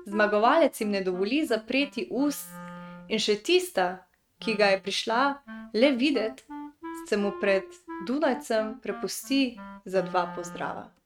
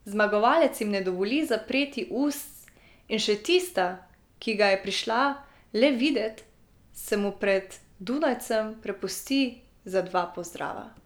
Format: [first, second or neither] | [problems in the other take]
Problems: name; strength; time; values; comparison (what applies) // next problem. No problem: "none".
second | noise reduction (neural mask model RNNoise)